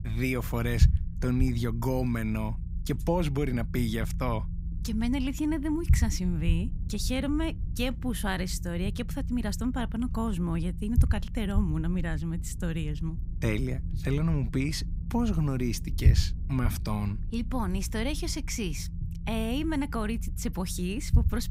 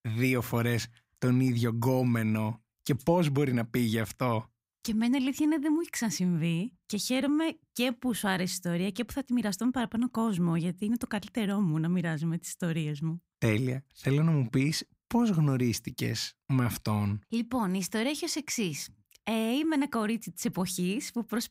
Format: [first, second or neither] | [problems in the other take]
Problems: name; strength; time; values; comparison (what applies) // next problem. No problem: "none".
second | low rumble; noticeable; throughout; 15 dB below the speech